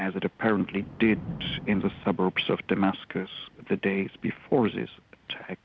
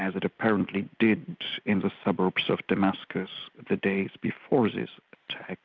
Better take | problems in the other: second | background sound (Thunder / Rain); 17 dB below the speech

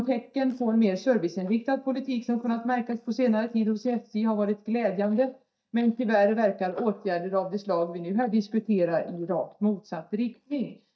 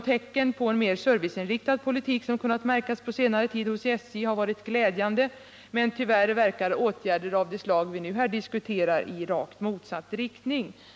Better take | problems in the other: second | noise reduction (neural mask model DeepFilterNet 3)

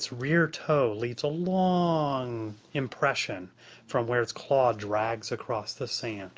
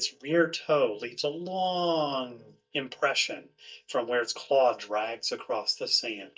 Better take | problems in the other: first | noise reduction (neural mask model DeepFilterNet 3)

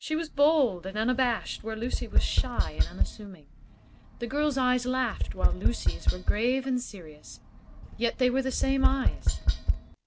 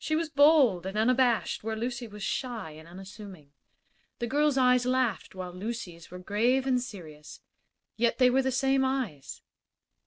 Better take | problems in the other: second | background sound (Tap); 2 dB above the speech

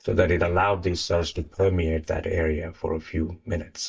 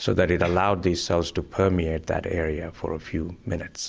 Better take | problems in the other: second | noise reduction (neural mask model DeepFilterNet 3)

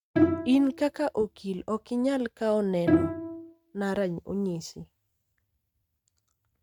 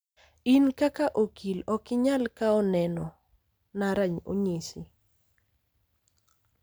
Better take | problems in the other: second | noise reduction (neural mask model RNNoise)

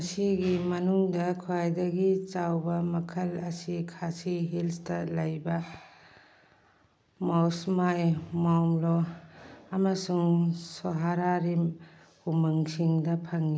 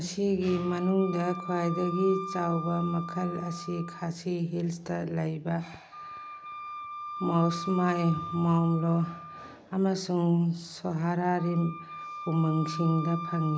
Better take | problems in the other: first | background sound (Wind instrument, woodwind instrument); 11 dB below the speech

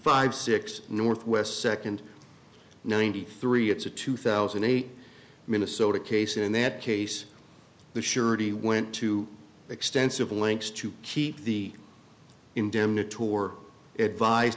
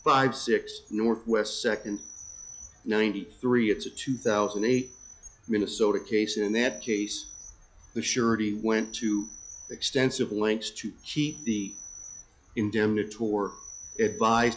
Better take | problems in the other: first | noise reduction (classical method log-MMSE)

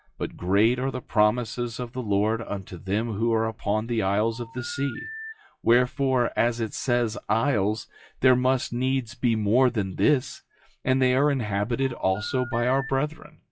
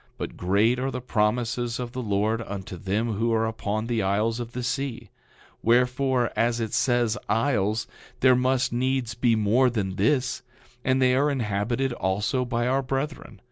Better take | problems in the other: second | noise reduction (classical method WPE with log-MMSE)

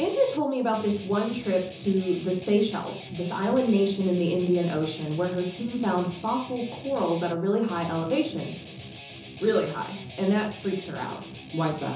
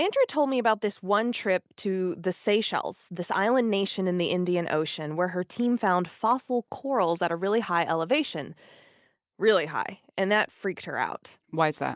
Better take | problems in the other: second | background sound (Guitar); 16 dB below the speech // room echo; dies away in 0.6 s

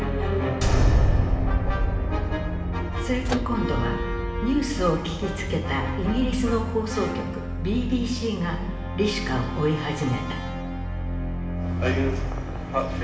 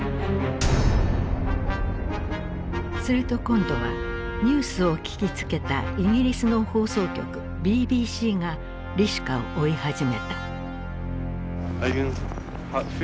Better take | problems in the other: second | background sound (Microwave oven); 13 dB below the speech // room echo; dies away in 1.2 s

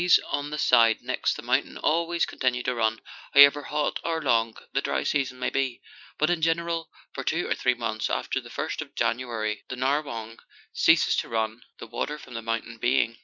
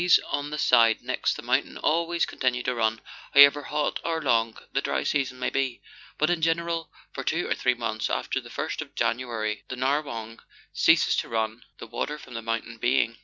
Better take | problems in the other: second | noise reduction (neural mask model Resemble Enhance denoiser)

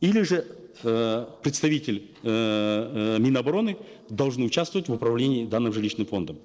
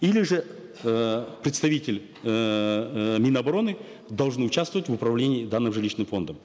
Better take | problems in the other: second | noise reduction (neural separator model SepFormer DNS4)

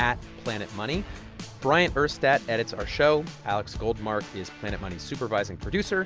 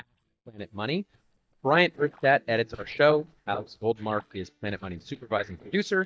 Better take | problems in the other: first | noise reduction (neural mask model DeepFilterNet 3)

